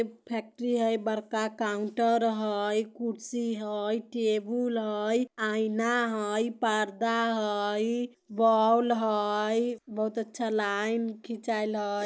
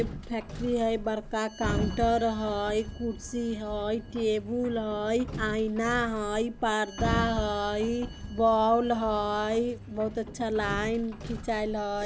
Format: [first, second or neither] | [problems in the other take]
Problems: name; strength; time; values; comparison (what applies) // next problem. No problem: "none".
first | background sound (Sliding door); 9 dB below the speech